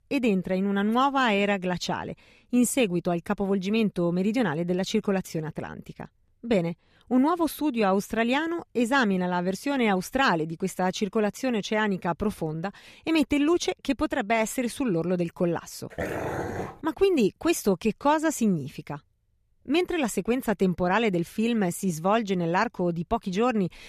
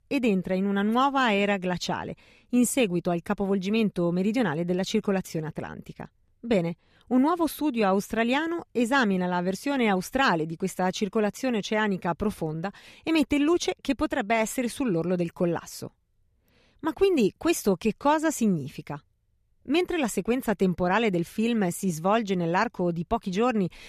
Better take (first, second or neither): second